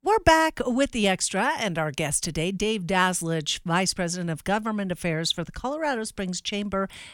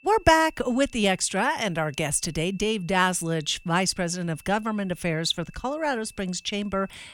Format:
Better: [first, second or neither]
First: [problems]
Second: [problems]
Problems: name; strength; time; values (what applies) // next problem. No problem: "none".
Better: first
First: none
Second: high-pitched whine; faint; throughout; 2.5 kHz, 30 dB below the speech